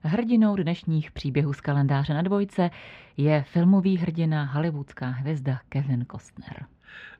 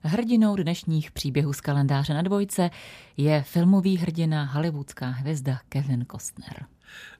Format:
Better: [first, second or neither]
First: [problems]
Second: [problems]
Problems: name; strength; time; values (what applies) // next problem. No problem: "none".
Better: second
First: muffled; slightly; fading above 2.5 kHz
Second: none